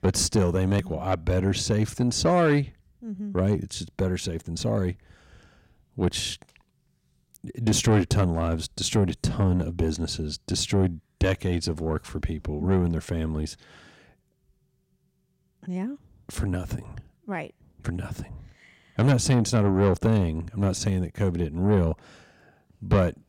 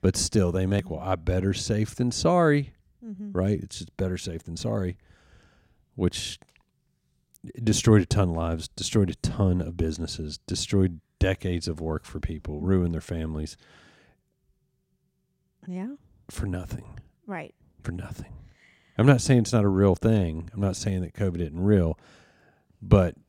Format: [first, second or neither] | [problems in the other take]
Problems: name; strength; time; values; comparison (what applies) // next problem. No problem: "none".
second | distortion; slight; 10 dB below the speech